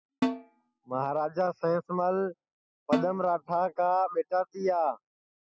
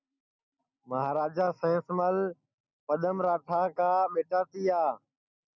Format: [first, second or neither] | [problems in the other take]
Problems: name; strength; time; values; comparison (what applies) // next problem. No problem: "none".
second | noise reduction (classical method spectral subtraction)